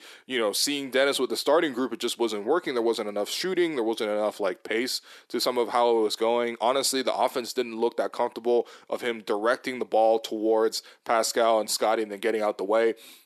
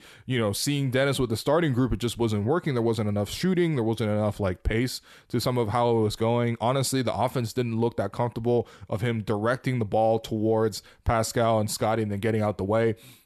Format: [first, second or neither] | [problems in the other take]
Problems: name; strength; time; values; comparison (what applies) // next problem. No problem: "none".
second | thin; somewhat; fading below 300 Hz